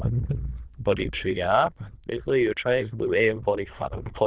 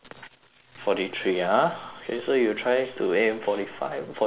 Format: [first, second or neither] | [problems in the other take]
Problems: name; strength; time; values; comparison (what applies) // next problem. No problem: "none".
second | noise reduction (neural diffusion model UNIVERSE++)